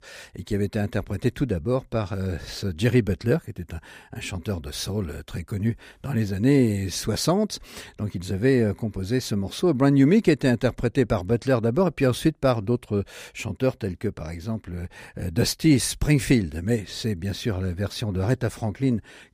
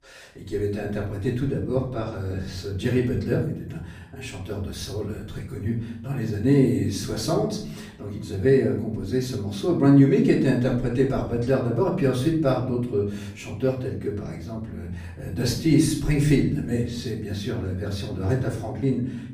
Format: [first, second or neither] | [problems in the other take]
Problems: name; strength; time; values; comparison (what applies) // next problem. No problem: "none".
first | off-mic speech; far // room echo; noticeable; dies away in 0.7 s